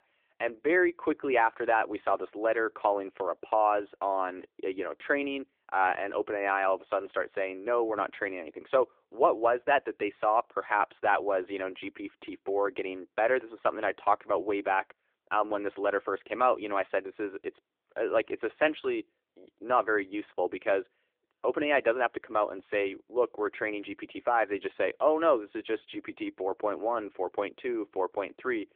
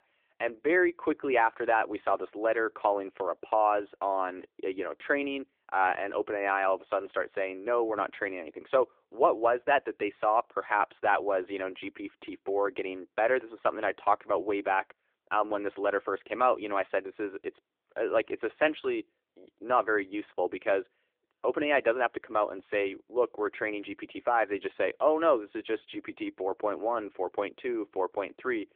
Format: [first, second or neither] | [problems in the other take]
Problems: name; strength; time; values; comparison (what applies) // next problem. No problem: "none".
neither | phone-call audio; the same in both